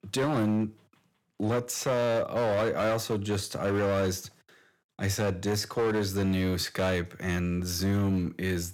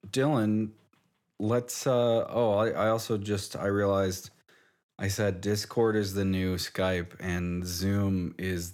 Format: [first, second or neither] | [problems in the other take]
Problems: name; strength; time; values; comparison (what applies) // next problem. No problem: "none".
second | distortion; slight; 13% of the sound clipped